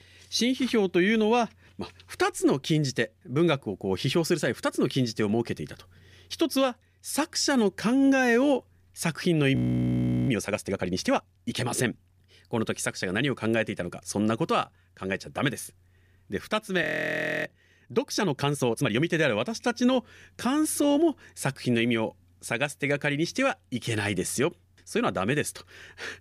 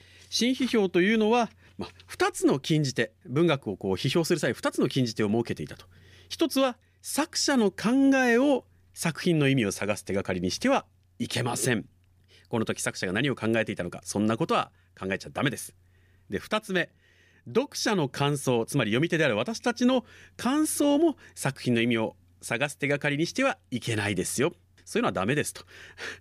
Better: second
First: audio freezing; at 9.5 s for 0.5 s and at 17 s for 0.5 s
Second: none

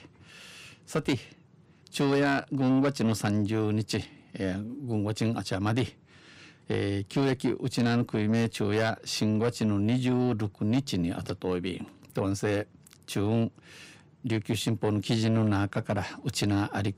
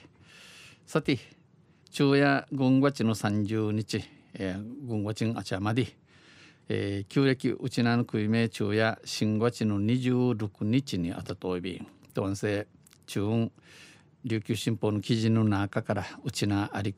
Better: second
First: distortion; slight; 10 dB below the speech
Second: none

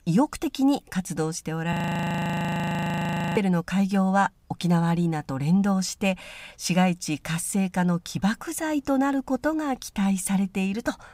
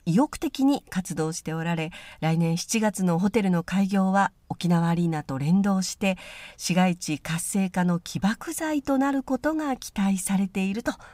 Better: second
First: audio freezing; at 1.5 s for 1.5 s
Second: none

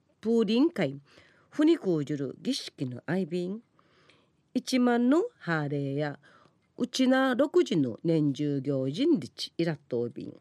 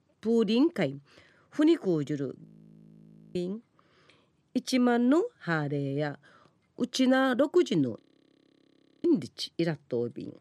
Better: first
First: none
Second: audio freezing; at 2.5 s for 1 s and at 8 s for 1 s

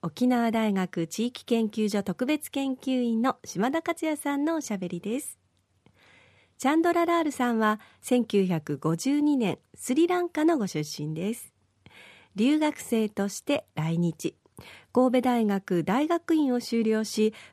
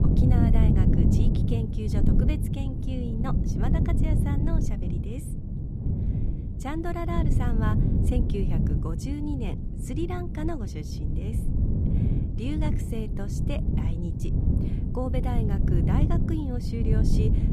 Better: first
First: none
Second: wind noise on the microphone; heavy; as loud as the speech

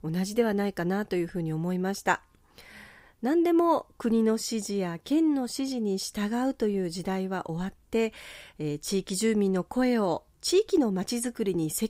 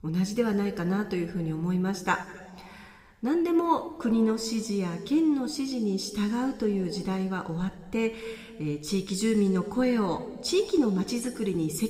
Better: first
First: none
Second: room echo; slight; dies away in 1.4 s

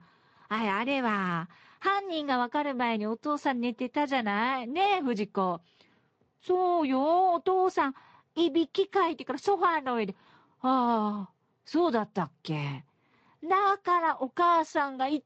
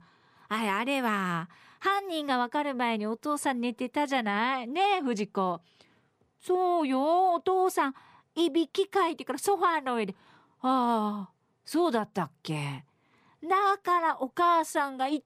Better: second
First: garbled, watery; slightly; nothing above 8 kHz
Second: none

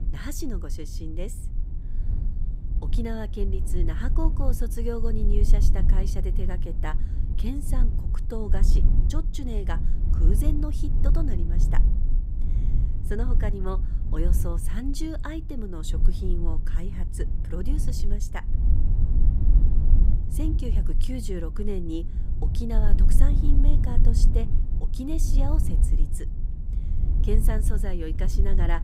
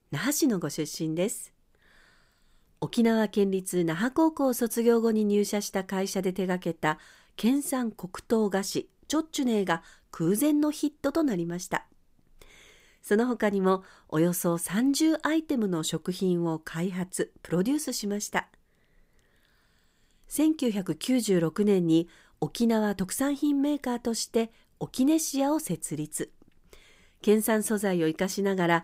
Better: second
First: low rumble; loud; throughout; 7 dB below the speech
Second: none

